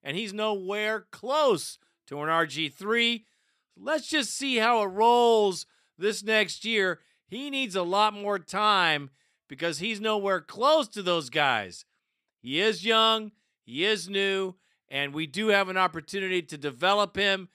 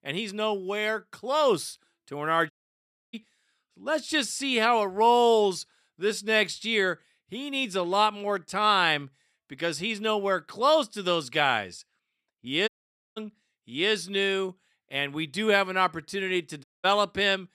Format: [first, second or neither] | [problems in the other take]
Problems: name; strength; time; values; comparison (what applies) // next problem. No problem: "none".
first | audio cutting out; at 2.5 s for 0.5 s, at 13 s and at 17 s